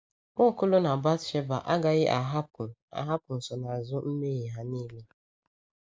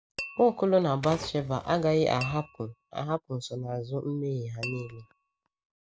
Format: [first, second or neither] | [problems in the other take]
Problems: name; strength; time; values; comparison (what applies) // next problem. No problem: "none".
first | background sound (Typewriter + Tap / Glass); 14 dB below the speech